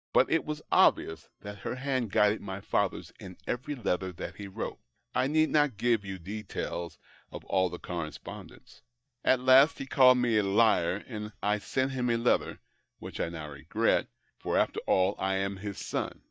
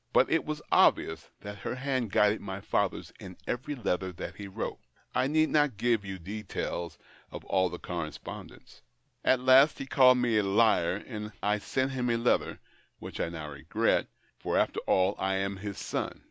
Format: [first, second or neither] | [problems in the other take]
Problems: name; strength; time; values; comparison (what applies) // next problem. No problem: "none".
second | noise reduction (neural mask model DeepFilterNet 3)